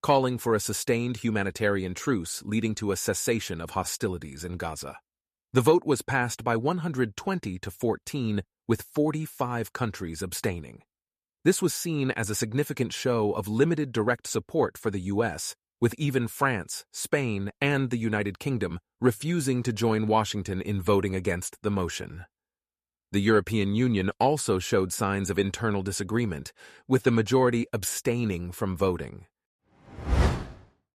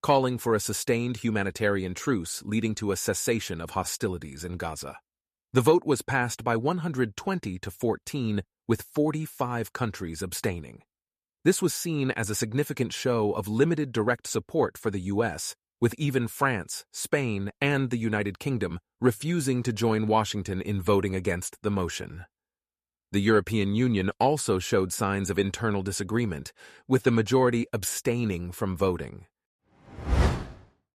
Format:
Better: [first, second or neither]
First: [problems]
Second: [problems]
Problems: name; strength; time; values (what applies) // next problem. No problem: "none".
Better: neither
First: none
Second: none